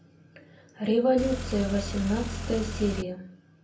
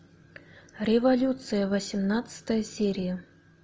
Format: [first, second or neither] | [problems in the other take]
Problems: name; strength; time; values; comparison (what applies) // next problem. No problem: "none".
second | background sound (Car); 5 dB below the speech // room echo; dies away in 0.3 s